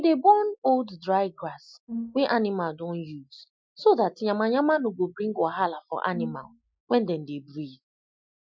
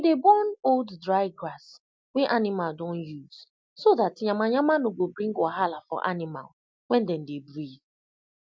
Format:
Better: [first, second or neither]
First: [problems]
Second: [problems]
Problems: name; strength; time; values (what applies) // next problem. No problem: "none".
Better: second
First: noise reduction (classical method Wiener filter)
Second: none